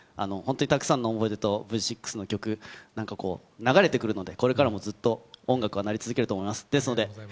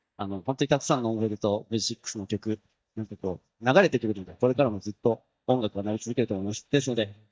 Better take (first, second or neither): first